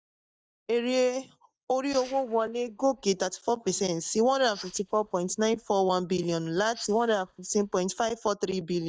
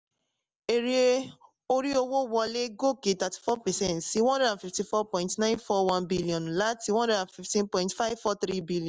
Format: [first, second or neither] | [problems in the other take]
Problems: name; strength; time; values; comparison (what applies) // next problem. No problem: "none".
second | noise reduction (neural mask model DeepFilterNet 3)